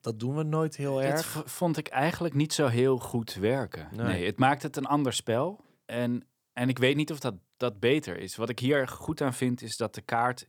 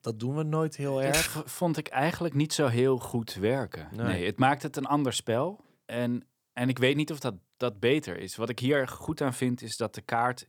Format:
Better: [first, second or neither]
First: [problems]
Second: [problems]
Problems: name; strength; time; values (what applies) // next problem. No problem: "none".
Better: first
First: none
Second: keyboard typing; loud; at 1 s; peak 1 dB above the speech